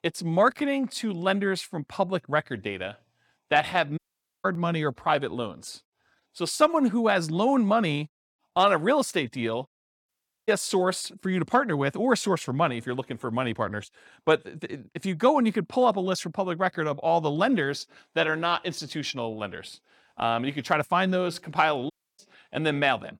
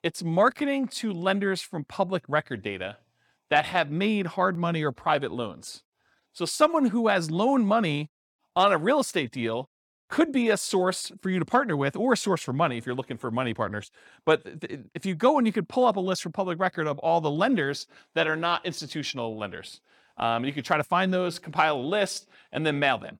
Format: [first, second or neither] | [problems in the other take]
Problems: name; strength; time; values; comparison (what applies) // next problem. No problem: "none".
second | audio cutting out; at 4 s, at 10 s and at 22 s